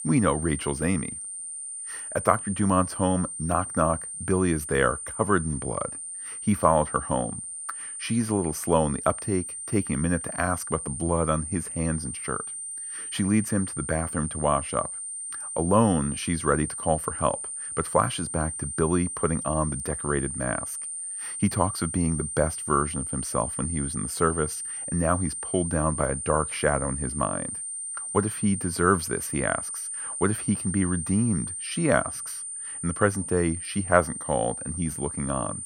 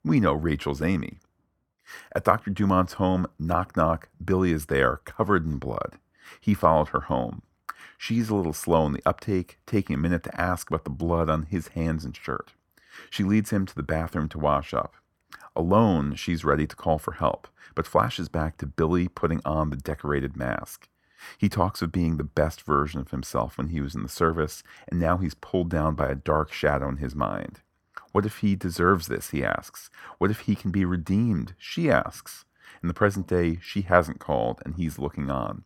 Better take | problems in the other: second | high-pitched whine; loud; throughout; 9 kHz, 5 dB below the speech

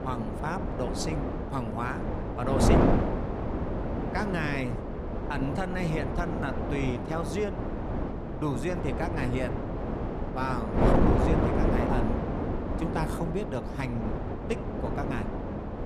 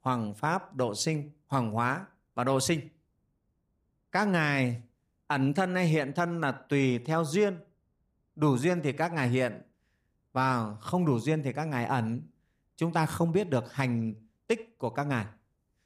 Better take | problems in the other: second | wind noise on the microphone; heavy; 1 dB above the speech

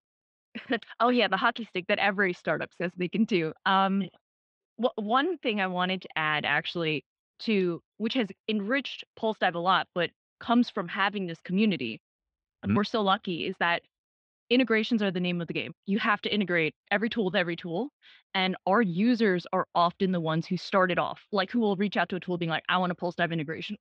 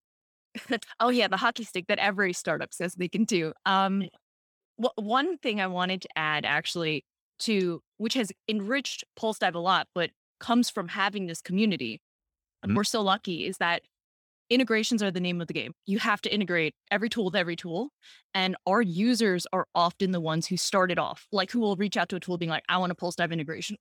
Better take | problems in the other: second | muffled; slightly; fading above 3.5 kHz

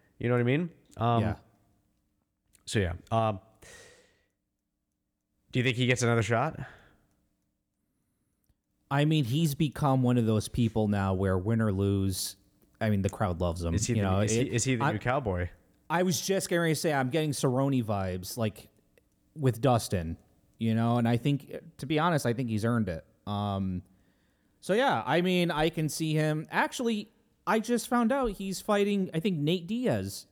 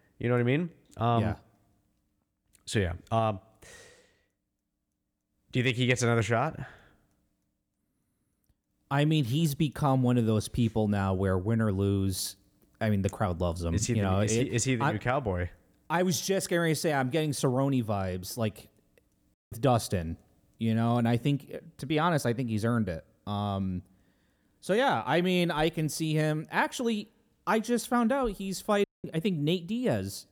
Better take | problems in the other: first | audio cutting out; at 19 s and at 29 s

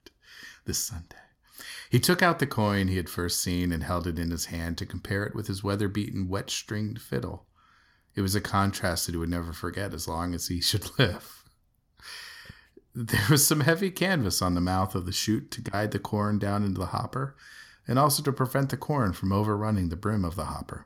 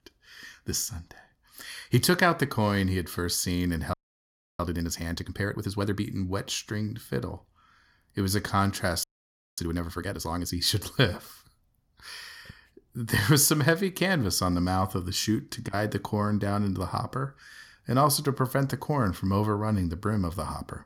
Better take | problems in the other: first | audio freezing; at 4 s for 0.5 s and at 9 s for 0.5 s

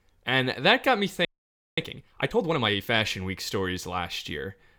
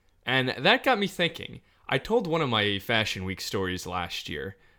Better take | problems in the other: second | audio freezing; at 1.5 s for 0.5 s

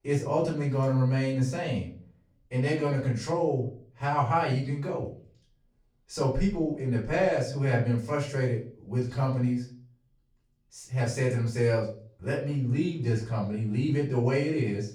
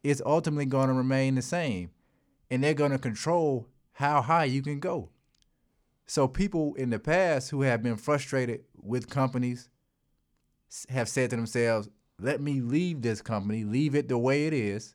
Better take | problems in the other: second | off-mic speech; far // room echo; slight; dies away in 0.4 s

